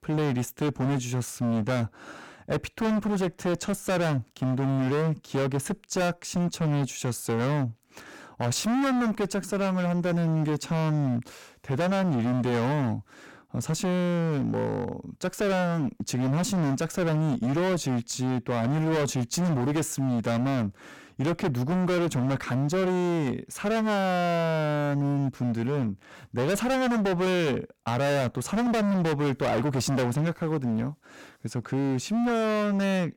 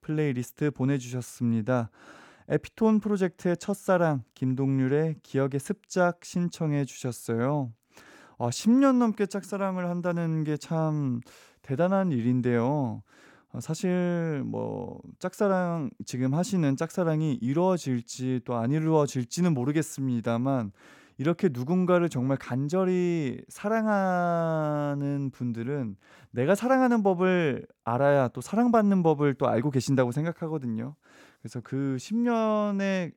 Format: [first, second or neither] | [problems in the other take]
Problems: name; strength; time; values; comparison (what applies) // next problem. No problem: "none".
second | distortion; heavy; 34% of the sound clipped